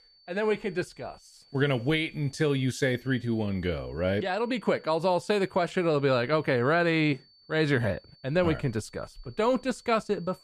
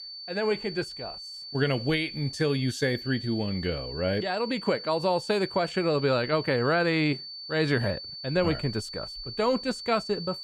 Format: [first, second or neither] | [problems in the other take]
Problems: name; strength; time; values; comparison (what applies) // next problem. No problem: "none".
first | high-pitched whine; loud; throughout; 4.5 kHz, 10 dB below the speech; faint in the first